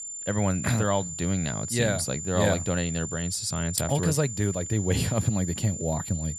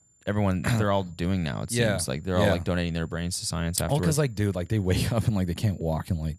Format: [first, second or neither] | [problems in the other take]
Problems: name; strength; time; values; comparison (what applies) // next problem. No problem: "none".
second | high-pitched whine; loud; throughout; 7 kHz, 7 dB below the speech; faint in the second